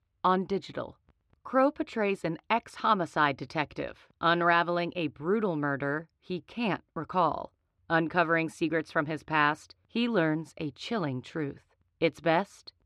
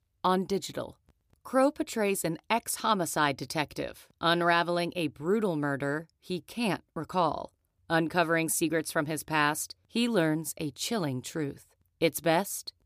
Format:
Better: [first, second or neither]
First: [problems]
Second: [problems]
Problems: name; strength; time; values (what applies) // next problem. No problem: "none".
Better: second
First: muffled; slightly; fading above 2.5 kHz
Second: none